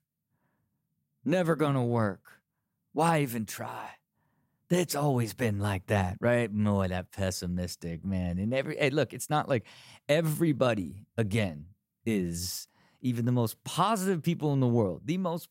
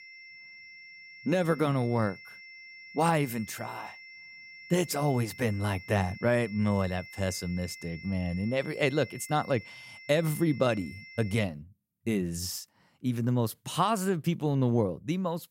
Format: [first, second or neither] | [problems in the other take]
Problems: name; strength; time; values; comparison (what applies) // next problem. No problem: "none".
first | high-pitched whine; noticeable; until 11 s; 2 kHz, 15 dB below the speech